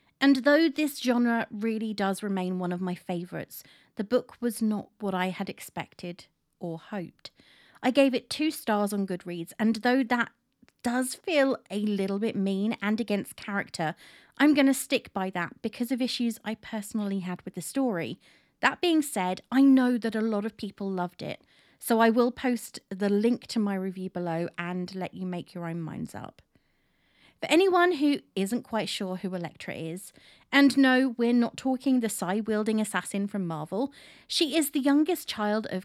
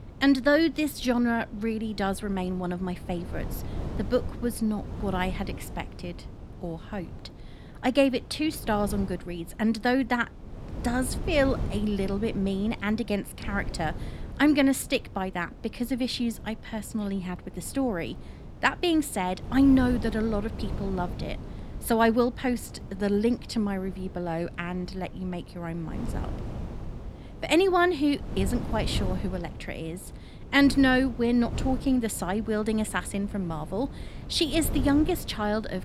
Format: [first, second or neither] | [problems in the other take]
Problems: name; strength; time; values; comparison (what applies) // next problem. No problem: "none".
first | wind noise on the microphone; occasional gusts; 15 dB below the speech